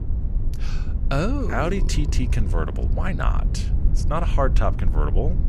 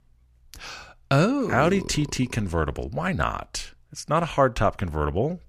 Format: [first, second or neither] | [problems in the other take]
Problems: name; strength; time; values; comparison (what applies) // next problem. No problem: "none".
second | low rumble; noticeable; throughout; 15 dB below the speech